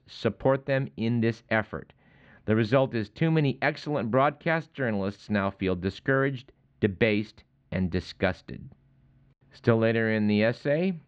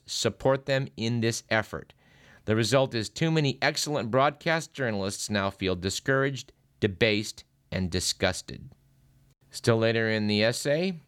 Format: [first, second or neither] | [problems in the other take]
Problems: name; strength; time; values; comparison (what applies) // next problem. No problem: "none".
second | muffled; slightly; fading above 2.5 kHz